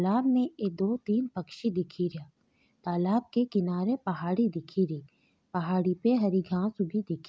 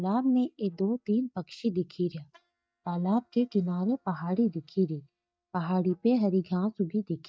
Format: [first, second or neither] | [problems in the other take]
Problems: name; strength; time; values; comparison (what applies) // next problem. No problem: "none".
first | noise reduction (neural mask model DeepFilterNet 3)